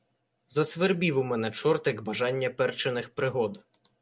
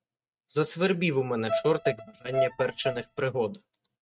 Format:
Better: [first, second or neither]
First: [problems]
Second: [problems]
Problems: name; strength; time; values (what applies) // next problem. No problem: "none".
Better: first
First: none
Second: noise reduction (neural mask model RNNoise)